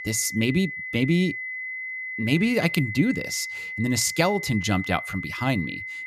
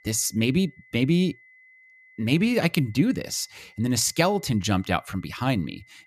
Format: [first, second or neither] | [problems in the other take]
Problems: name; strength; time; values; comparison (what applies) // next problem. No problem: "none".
second | high-pitched whine; loud; throughout; 2 kHz, 7 dB below the speech; faint in the second